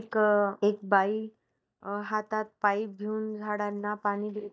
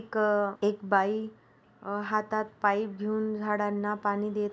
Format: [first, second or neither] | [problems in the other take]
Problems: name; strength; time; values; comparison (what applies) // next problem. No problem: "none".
second | noise reduction (neural mask model DeepFilterNet 3)